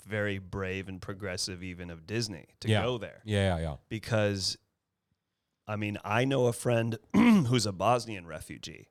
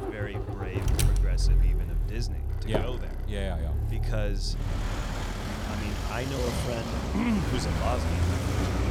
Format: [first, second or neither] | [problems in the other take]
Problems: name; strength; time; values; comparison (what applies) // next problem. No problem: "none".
first | traffic noise; very loud; throughout; 5 dB above the speech